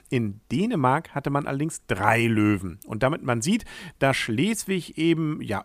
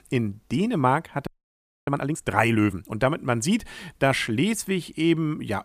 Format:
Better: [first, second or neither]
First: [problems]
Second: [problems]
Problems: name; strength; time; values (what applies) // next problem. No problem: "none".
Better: first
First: none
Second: audio freezing; at 1.5 s for 0.5 s